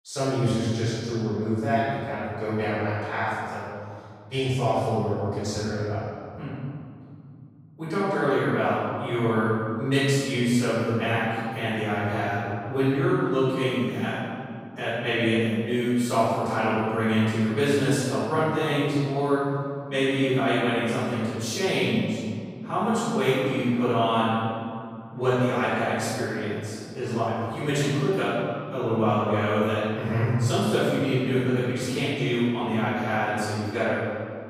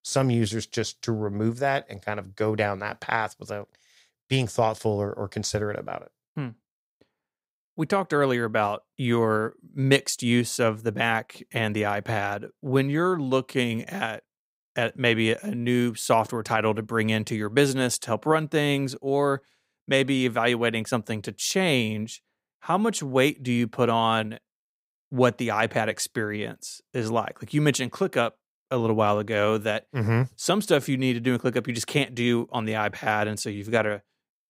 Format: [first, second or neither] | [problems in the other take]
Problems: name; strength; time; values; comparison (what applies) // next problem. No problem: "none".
second | off-mic speech; far // room echo; strong; dies away in 2.4 s